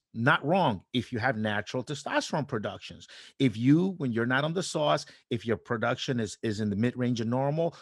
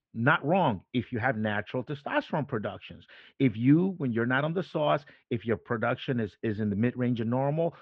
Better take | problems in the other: first | muffled; very; fading above 2.5 kHz

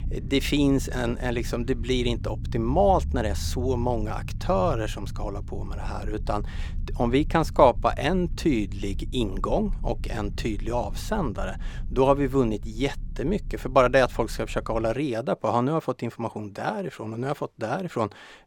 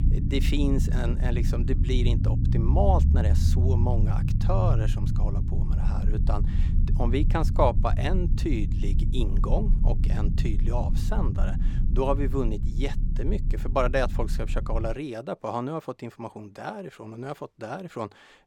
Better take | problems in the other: first | low rumble; loud; until 15 s; 9 dB below the speech; faint in the first

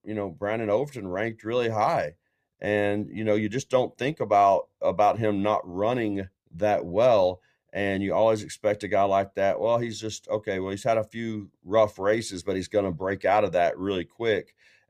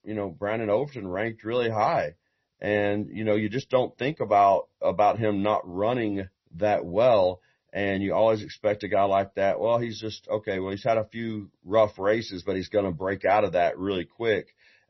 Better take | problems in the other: first | garbled, watery; slightly; nothing above 6 kHz

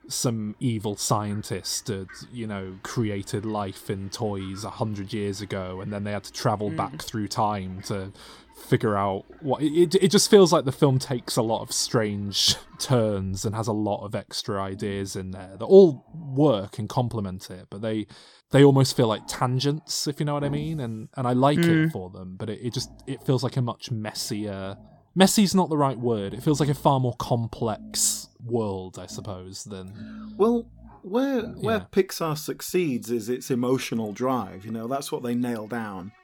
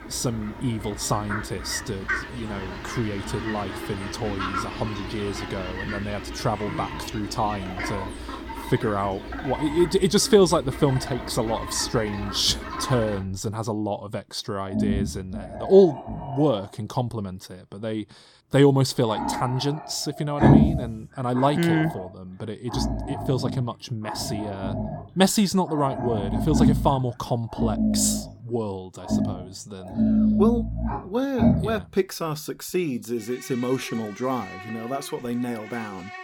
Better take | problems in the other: first | animal sounds; loud; throughout; 3 dB below the speech; faint in the first

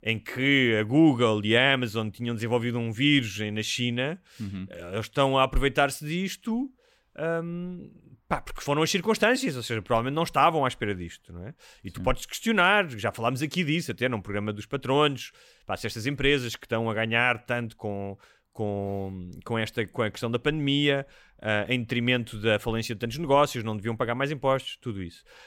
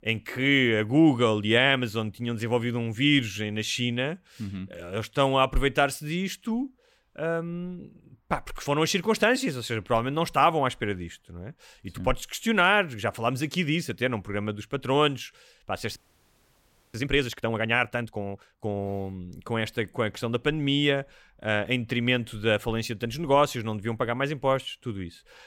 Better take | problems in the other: first | audio freezing; at 16 s for 1 s

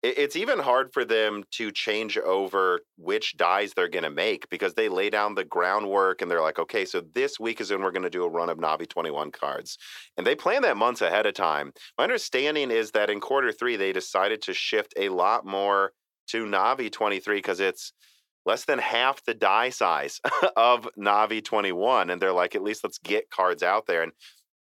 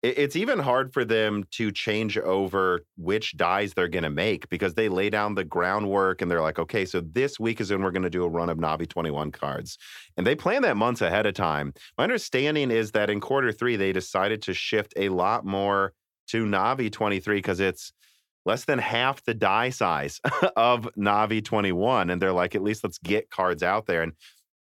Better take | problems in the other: second | thin; somewhat; fading below 450 Hz

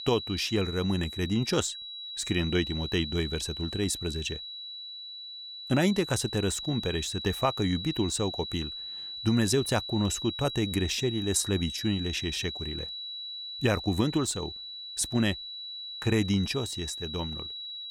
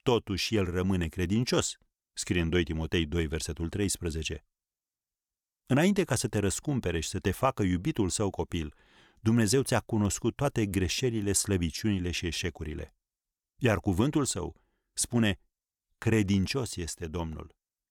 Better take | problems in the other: second | high-pitched whine; loud; throughout; 4 kHz, 7 dB below the speech

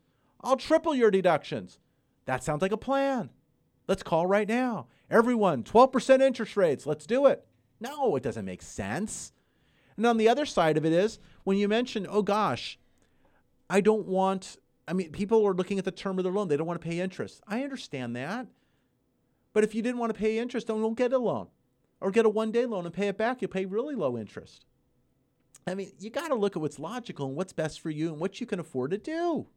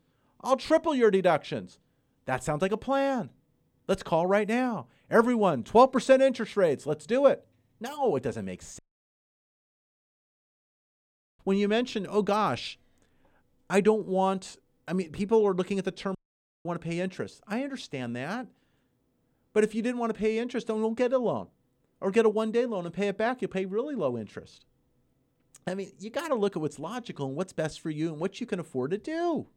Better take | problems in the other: first | audio cutting out; at 9 s for 2.5 s and at 16 s for 0.5 s

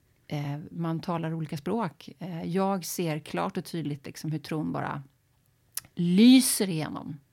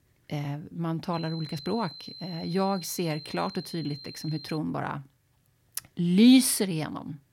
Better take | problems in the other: first | high-pitched whine; noticeable; from 1 to 4.5 s; 4 kHz, 15 dB below the speech

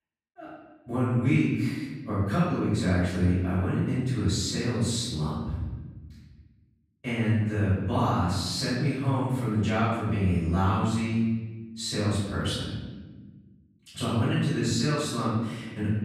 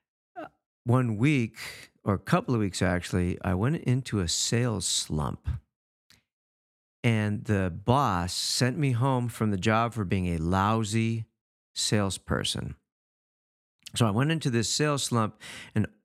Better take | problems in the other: second | off-mic speech; far // room echo; strong; dies away in 1.3 s

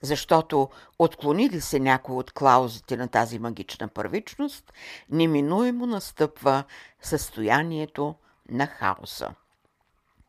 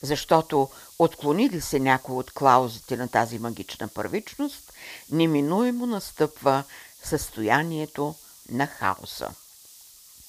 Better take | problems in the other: first | hiss; faint; throughout; 20 dB below the speech

